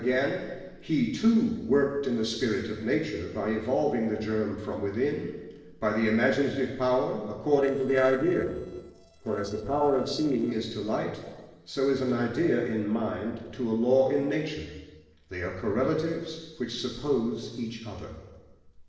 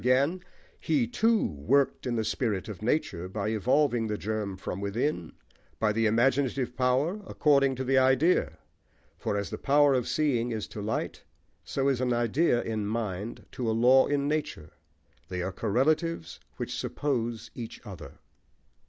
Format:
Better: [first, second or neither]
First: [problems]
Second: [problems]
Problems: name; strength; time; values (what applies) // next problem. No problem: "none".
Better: second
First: noise reduction (neural separator model SepFormer DNS4)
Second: none